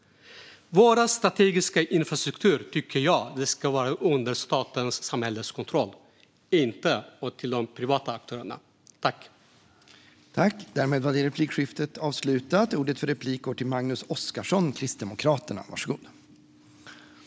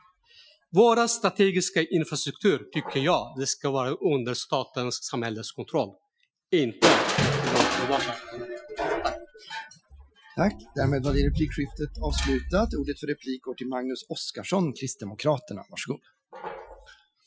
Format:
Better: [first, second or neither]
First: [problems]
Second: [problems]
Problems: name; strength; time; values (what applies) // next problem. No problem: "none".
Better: first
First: none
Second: noise reduction (classical method Wiener filter)